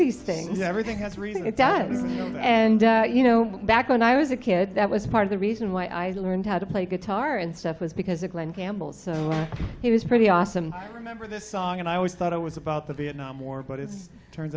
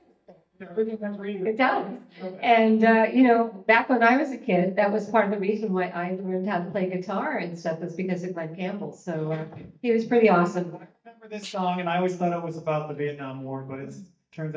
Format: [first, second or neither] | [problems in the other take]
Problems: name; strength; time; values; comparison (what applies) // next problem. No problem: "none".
first | noise reduction (neural mask model DeepFilterNet 3)